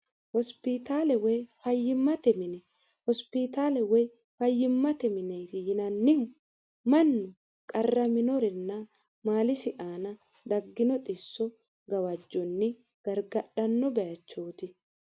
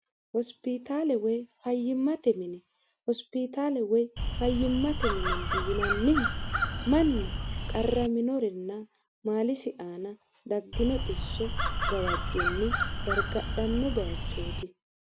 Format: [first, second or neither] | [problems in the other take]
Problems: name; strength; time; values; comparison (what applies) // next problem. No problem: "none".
first | background sound (Crow); as loud as the speech